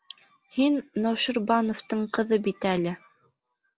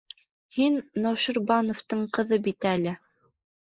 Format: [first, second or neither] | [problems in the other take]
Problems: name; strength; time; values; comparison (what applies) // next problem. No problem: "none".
first | noise reduction (neural mask model Resemble Enhance denoiser)